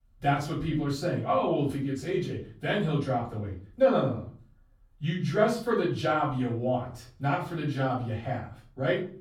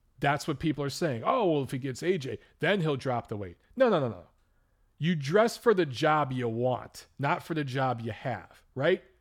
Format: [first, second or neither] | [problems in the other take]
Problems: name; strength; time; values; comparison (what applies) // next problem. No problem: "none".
second | off-mic speech; far // room echo; slight; dies away in 0.4 s